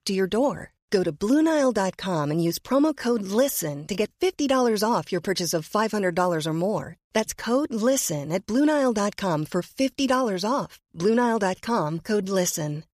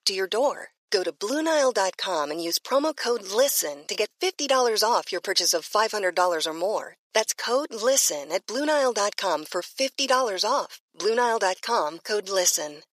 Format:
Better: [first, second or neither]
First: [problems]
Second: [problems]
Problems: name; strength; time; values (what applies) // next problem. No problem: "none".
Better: first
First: none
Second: thin; somewhat; fading below 450 Hz